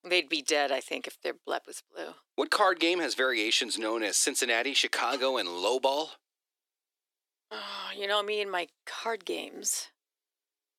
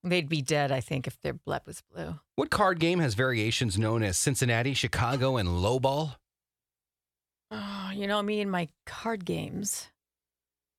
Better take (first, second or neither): second